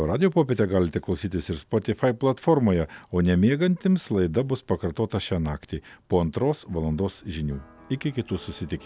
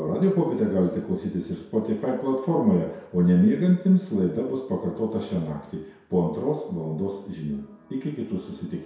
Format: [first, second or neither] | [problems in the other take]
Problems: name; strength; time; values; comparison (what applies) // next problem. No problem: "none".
first | room echo; dies away in 0.7 s